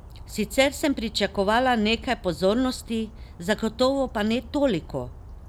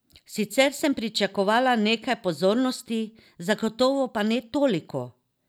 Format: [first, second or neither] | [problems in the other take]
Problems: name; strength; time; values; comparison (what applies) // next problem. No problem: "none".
second | background sound (Bird vocalization, bird call, bird song); 16 dB below the speech